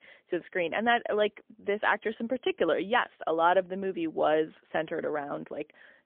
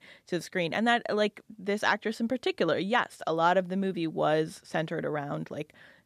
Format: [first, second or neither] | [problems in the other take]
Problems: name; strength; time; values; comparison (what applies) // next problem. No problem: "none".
second | phone-call audio; poor line; nothing above 3.5 kHz